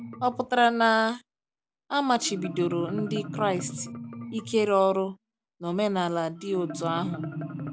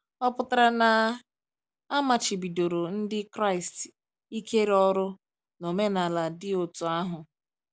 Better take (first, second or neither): second